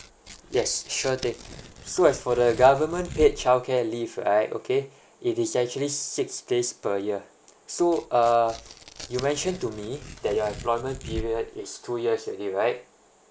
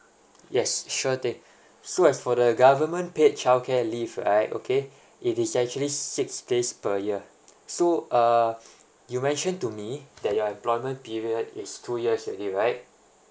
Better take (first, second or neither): second